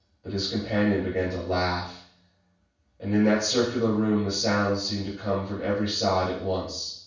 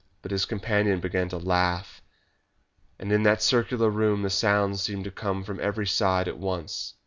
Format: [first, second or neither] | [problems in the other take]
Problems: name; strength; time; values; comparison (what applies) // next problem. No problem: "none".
second | room echo; dies away in 0.7 s